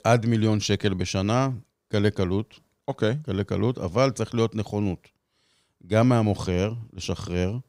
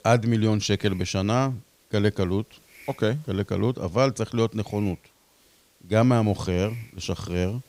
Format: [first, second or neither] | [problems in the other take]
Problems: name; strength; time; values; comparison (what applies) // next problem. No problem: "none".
first | hiss; faint; throughout; 30 dB below the speech